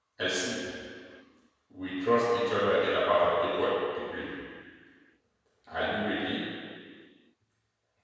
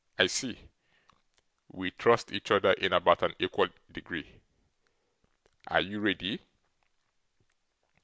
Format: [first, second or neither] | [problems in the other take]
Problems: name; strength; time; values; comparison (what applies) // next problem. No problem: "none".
second | room echo; dies away in 1.9 s